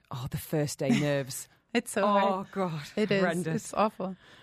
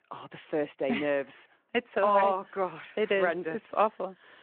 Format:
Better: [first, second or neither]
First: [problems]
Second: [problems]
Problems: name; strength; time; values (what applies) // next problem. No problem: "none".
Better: first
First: none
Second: phone-call audio